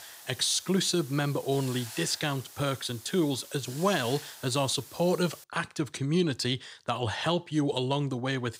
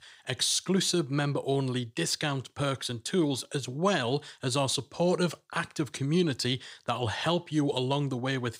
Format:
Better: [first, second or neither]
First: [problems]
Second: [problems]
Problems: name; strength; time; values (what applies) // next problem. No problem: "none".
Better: second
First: hiss; noticeable; until 5.5 s; 15 dB below the speech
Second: none